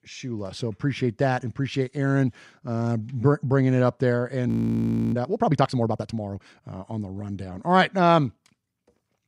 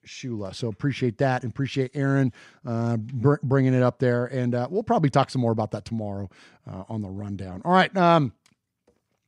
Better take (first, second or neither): second